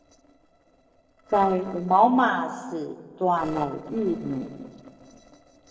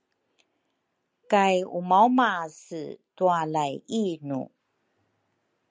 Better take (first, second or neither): second